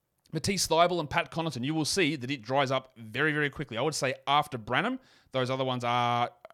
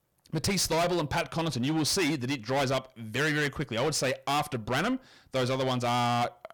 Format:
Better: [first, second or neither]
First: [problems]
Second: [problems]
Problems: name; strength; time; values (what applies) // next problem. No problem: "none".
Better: first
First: none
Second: distortion; heavy; 18% of the sound clipped